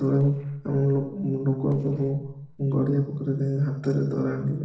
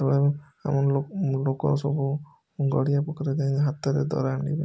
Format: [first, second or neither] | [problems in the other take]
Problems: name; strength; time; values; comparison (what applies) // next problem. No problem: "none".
second | noise reduction (neural separator model SepFormer DNS4)